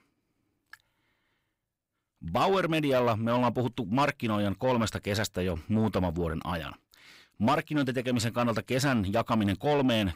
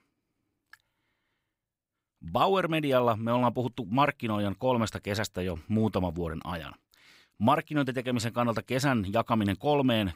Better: second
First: distortion; slight; 10 dB below the speech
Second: none

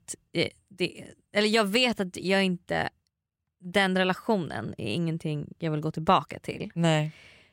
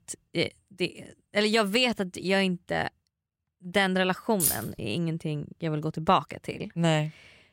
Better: first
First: none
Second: jangling keys; loud; at 4.5 s; peak 2 dB above the speech

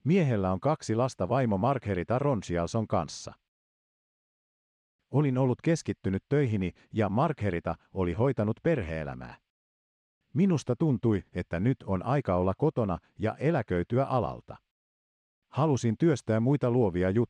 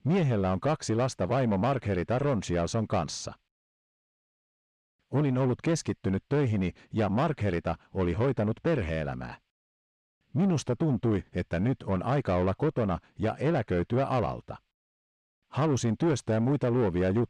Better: first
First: none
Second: distortion; slight; 10 dB below the speech

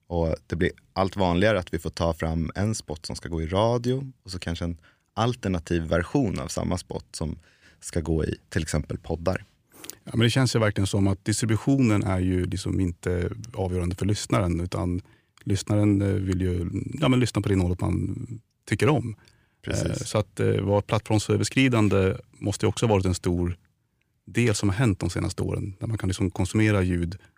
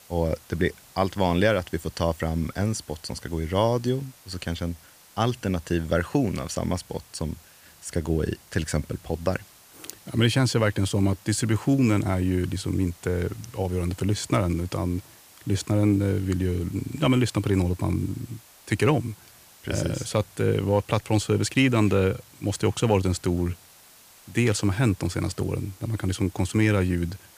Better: first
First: none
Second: hiss; faint; throughout; 25 dB below the speech

